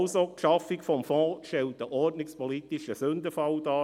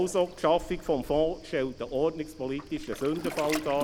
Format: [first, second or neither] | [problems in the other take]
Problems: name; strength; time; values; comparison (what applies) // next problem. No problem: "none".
first | background sound (Waves, surf); 12 dB below the speech